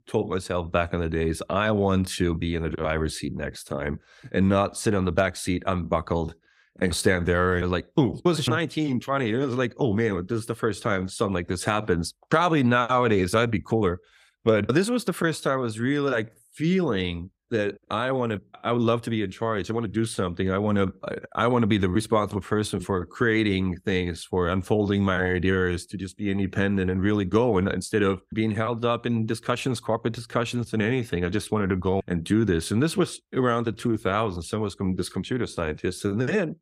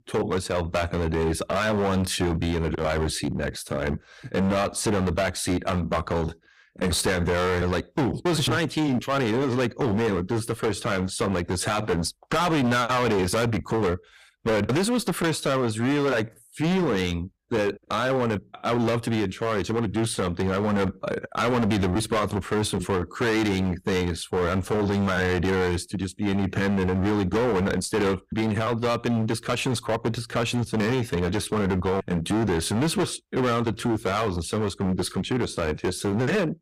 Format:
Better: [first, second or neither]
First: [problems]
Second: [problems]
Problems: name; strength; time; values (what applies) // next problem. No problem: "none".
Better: first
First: none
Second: distortion; heavy; 20% of the sound clipped